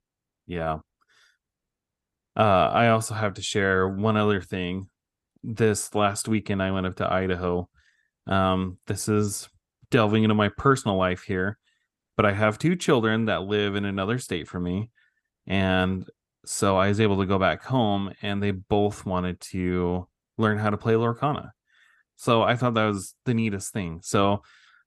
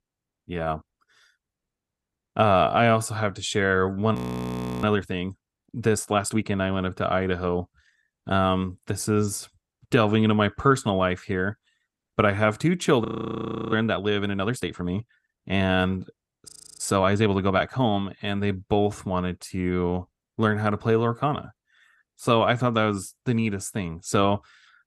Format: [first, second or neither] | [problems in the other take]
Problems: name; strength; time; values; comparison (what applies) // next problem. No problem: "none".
first | audio freezing; at 4 s for 0.5 s, at 13 s for 0.5 s and at 16 s